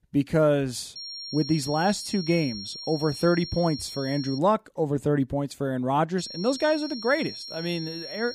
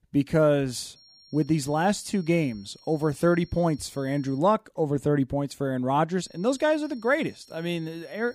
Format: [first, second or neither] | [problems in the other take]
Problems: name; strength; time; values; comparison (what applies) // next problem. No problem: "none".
second | high-pitched whine; loud; from 1 to 4.5 s and from 6 s on; 5.5 kHz, 10 dB below the speech; faint in the second